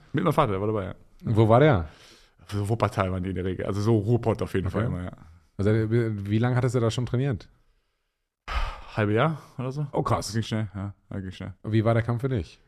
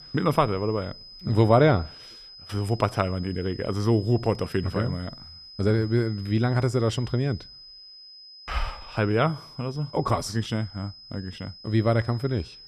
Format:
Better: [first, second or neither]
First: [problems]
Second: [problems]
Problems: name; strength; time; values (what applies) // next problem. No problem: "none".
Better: first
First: none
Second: high-pitched whine; noticeable; throughout; 5 kHz, 20 dB below the speech